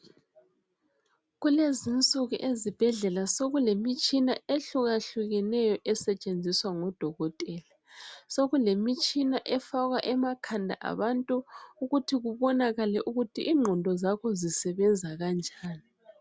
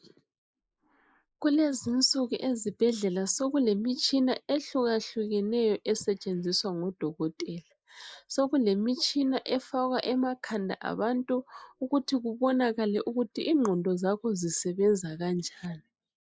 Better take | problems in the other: first | noise reduction (neural mask model Resemble Enhance denoiser)

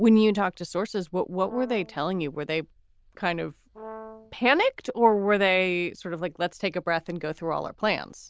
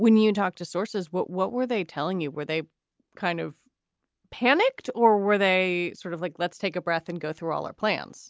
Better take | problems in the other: second | noise reduction (neural diffusion model UNIVERSE++)

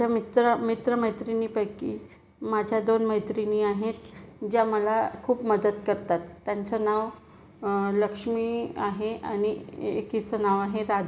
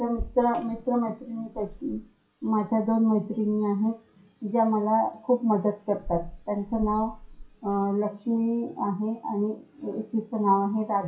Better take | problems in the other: first | noise reduction (classical method WPE with log-MMSE)

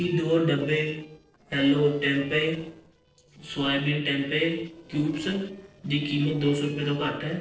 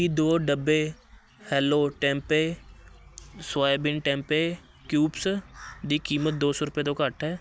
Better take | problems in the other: second | noise reduction (neural separator model SepFormer DNS4)

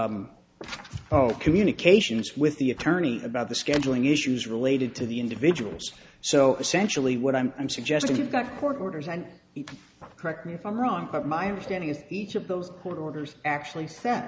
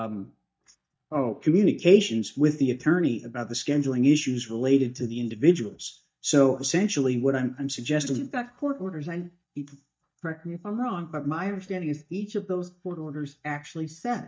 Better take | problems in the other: first | noise reduction (neural mask model DeepFilterNet 3)

